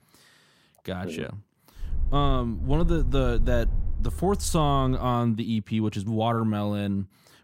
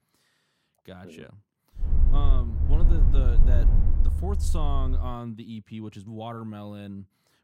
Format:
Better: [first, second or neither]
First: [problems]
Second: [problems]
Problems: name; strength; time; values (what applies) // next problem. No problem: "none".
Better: first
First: low rumble; faint; from 2 to 5 s; 20 dB below the speech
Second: low rumble; loud; from 2 to 5 s; 4 dB below the speech